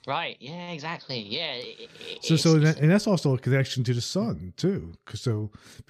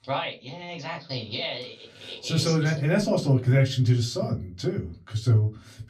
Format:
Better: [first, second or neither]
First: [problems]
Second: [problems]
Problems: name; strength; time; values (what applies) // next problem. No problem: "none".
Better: first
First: none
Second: off-mic speech; far // room echo; very slight; dies away in 0.2 s